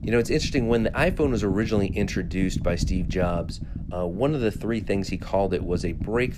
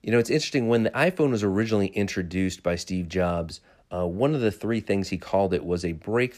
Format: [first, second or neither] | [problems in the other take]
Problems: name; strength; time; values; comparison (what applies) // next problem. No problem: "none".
second | low rumble; noticeable; throughout; 15 dB below the speech